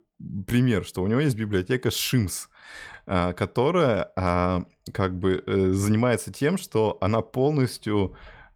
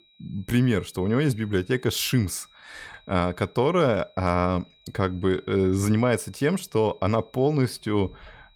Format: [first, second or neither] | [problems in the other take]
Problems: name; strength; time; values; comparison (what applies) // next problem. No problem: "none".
first | high-pitched whine; faint; throughout; 4 kHz, 30 dB below the speech